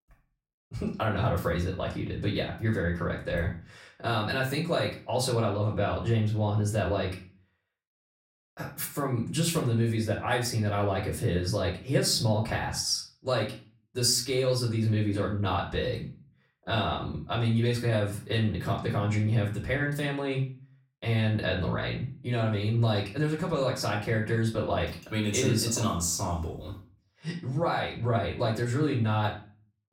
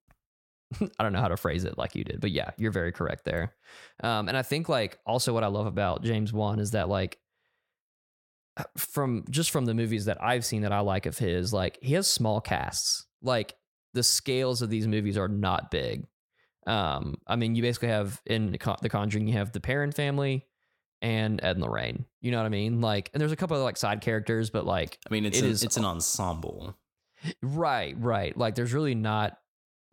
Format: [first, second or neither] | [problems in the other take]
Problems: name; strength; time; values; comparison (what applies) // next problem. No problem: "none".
second | off-mic speech; far // room echo; slight; dies away in 0.3 s